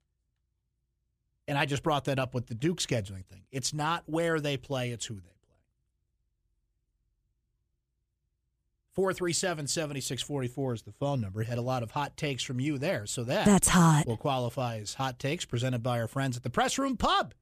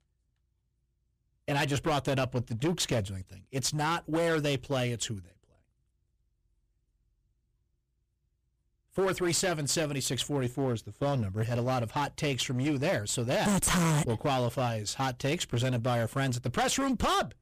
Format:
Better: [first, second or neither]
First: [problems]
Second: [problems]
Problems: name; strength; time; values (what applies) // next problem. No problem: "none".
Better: first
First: none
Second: distortion; heavy; 11% of the sound clipped